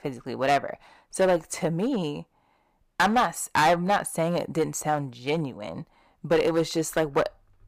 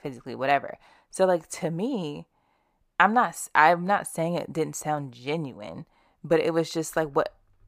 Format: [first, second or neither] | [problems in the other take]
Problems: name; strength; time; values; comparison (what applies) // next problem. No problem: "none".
second | distortion; heavy; 5% of the sound clipped